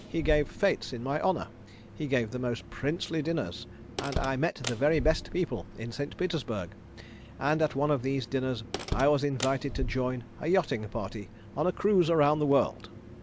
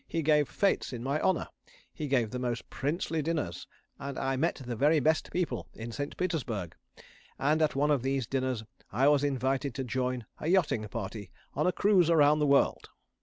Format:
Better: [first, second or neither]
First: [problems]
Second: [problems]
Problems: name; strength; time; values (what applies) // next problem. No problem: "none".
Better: second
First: background sound (Slam); 10 dB below the speech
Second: none